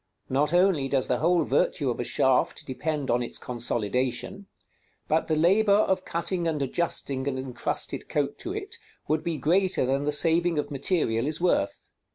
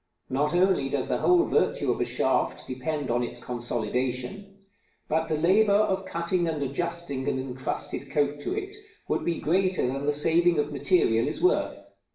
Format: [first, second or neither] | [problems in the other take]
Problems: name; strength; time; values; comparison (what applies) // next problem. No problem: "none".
first | room echo; dies away in 0.5 s